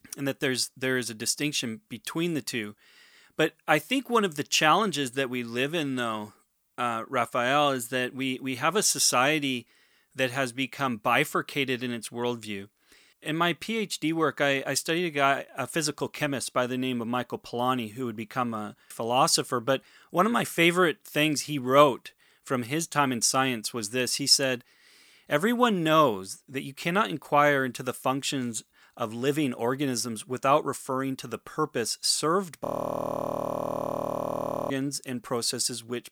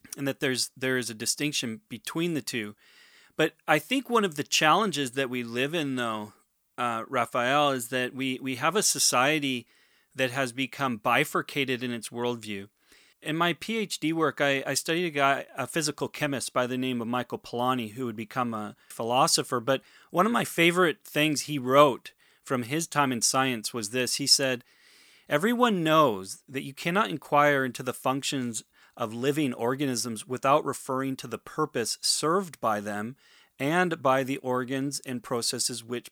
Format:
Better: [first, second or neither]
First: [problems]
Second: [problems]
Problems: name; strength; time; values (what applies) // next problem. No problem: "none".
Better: second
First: audio freezing; at 33 s for 2 s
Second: none